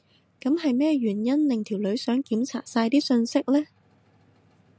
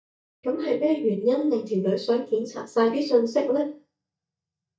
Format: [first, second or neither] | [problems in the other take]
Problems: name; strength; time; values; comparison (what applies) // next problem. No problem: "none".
first | noise reduction (neural mask model DeepFilterNet 3)